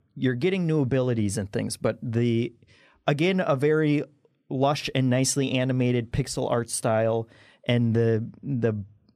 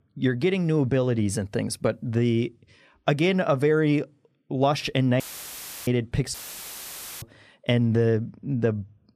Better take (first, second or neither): first